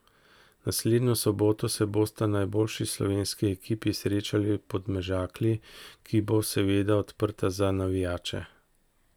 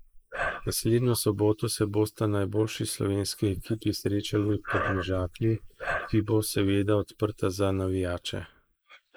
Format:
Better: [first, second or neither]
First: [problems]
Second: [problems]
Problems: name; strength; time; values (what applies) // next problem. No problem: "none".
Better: first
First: none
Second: noise reduction (neural mask model Resemble Enhance denoiser)